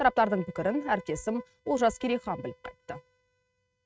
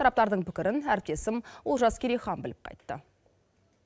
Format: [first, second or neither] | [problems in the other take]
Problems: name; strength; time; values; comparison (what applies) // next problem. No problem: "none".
second | noise reduction (neural mask model RNNoise)